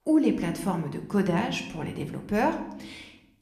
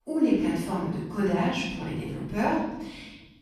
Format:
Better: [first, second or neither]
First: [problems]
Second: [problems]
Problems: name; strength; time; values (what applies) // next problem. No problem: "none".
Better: first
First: room echo; slight; dies away in 0.7 s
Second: room echo; strong; dies away in 1.2 s // off-mic speech; far